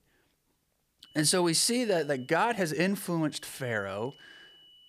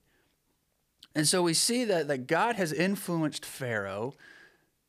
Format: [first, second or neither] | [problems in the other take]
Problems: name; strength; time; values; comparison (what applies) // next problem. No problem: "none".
second | high-pitched whine; faint; from 1 to 2.5 s and from 3.5 s on; 3 kHz, 30 dB below the speech